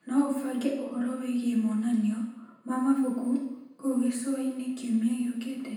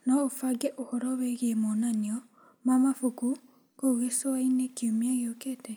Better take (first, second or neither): second